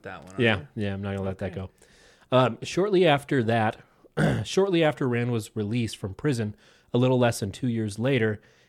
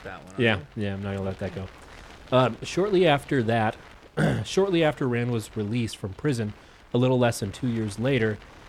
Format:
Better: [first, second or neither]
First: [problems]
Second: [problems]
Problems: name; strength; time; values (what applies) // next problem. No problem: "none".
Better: first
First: none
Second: wind noise on the microphone; occasional gusts; 20 dB below the speech